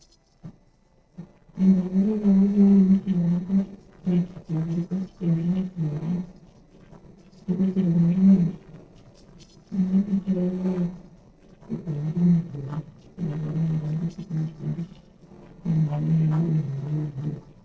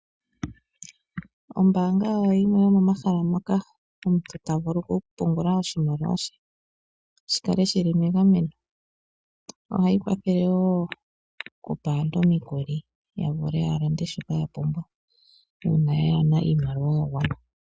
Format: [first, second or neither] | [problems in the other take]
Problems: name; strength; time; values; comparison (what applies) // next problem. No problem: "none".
second | noise reduction (neural separator model SepFormer DNS4)